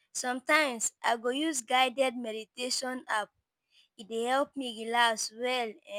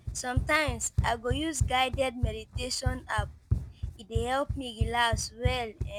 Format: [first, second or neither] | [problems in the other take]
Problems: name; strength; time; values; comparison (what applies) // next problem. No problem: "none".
first | background sound (Run); 1 dB below the speech